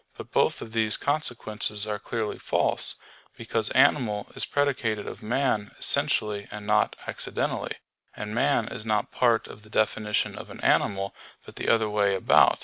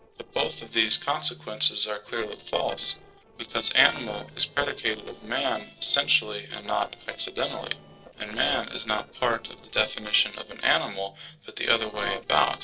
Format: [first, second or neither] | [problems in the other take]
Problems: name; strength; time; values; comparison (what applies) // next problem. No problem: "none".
first | noise reduction (neural separator model SepFormer DNS4)